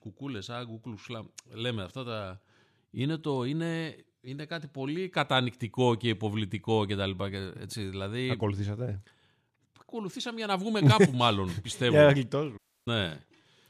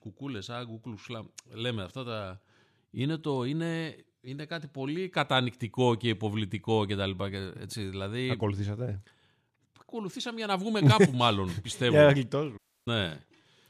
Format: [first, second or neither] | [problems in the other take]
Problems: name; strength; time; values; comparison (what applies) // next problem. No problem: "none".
neither | audio cutting out; at 13 s; the same in both